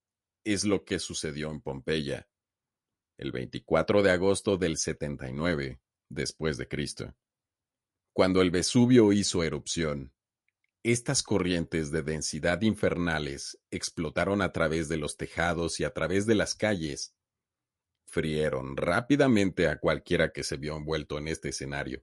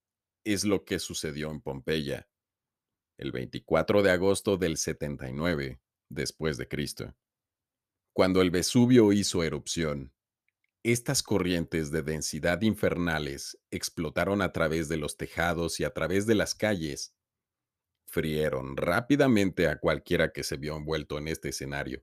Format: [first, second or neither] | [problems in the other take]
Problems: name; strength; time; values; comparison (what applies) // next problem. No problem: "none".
second | garbled, watery; slightly; nothing above 11 kHz